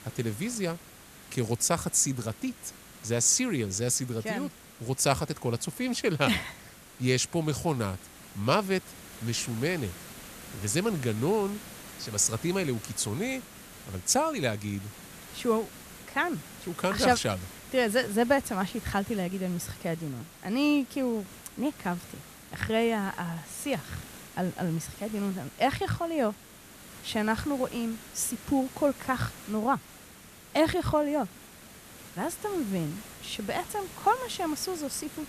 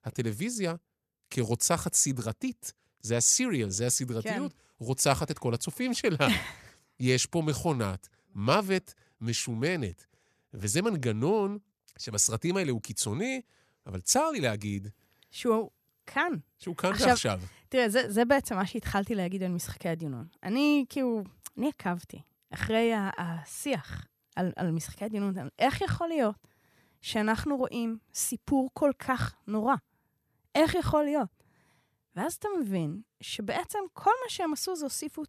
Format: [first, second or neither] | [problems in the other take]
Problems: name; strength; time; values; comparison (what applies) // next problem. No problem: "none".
second | hiss; noticeable; throughout; 15 dB below the speech